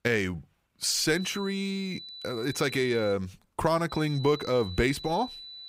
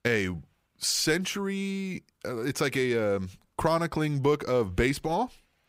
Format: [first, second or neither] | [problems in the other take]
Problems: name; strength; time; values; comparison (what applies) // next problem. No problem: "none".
second | high-pitched whine; noticeable; from 1 to 3 s and from 4 s on; 4 kHz, 10 dB below the speech